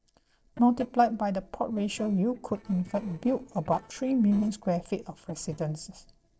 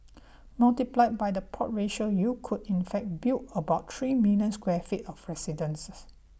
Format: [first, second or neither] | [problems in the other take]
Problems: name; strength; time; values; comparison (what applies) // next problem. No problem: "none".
second | noise reduction (neural separator model SepFormer DNS4)